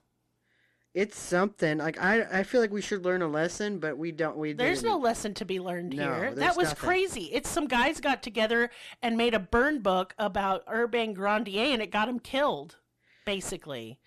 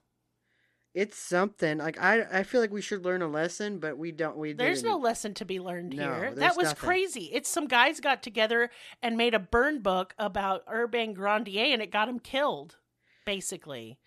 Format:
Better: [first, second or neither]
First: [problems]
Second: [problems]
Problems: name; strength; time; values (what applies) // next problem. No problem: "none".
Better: second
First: distortion; slight; 10 dB below the speech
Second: none